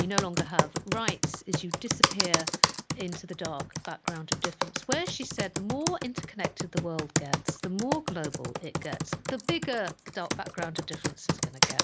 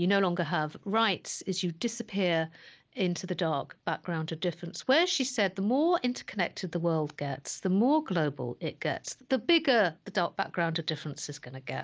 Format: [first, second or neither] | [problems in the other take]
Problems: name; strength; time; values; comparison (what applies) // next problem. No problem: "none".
second | background sound (Computer keyboard); 4 dB above the speech